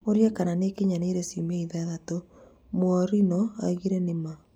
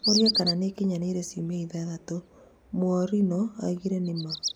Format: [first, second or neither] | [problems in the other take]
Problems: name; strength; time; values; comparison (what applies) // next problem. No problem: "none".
first | background sound (Bird vocalization, bird call, bird song); 6 dB below the speech